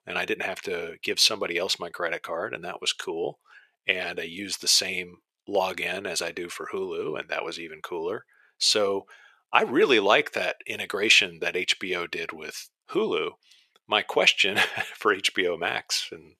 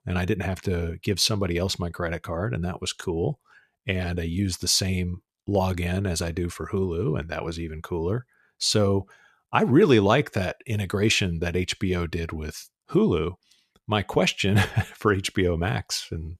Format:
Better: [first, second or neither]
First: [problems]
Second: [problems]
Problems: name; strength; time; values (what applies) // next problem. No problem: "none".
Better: second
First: thin; very; fading below 500 Hz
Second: none